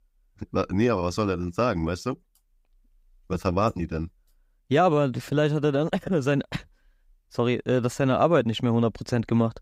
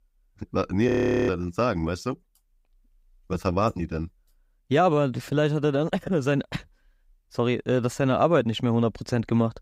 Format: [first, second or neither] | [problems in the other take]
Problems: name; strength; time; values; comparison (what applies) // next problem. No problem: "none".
first | audio freezing; at 1 s